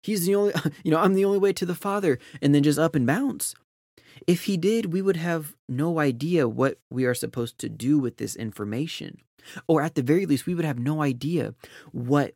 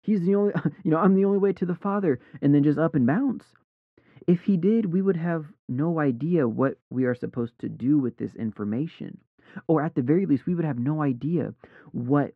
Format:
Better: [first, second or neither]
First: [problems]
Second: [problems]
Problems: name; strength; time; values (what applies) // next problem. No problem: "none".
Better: first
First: none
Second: muffled; very; fading above 1.5 kHz